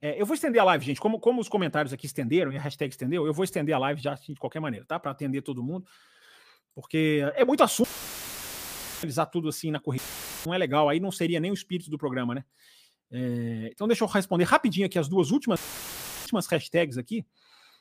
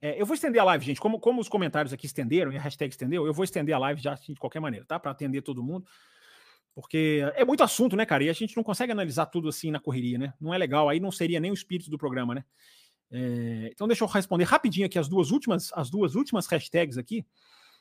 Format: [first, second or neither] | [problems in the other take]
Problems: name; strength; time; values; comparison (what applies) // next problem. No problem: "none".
second | audio cutting out; filled with static; at 8 s for 1 s, at 10 s and at 16 s for 0.5 s